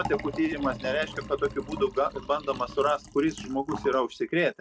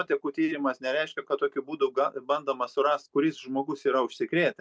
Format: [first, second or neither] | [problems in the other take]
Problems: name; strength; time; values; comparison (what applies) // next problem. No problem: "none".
second | background sound (Liquid); 12 dB below the speech